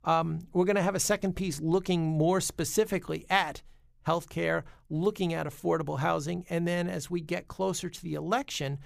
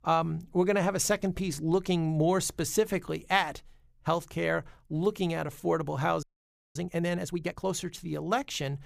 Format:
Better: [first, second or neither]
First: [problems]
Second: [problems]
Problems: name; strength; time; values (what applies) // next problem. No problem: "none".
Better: first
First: none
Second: audio freezing; at 6 s for 0.5 s